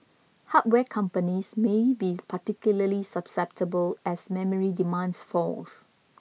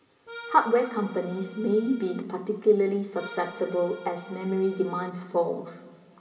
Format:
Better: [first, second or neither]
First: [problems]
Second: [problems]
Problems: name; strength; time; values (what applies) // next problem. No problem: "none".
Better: first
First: none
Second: background sound (Accordion); 16 dB below the speech // room echo; dies away in 2.5 s